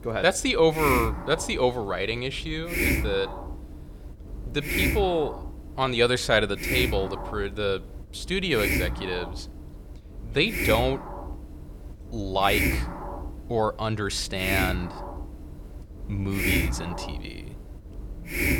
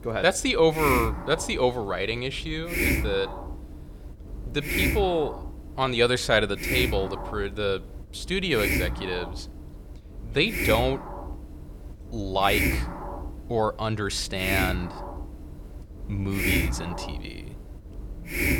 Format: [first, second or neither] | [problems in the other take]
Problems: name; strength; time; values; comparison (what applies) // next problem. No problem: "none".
neither | hiss; loud; throughout; 3 dB below the speech; the same in both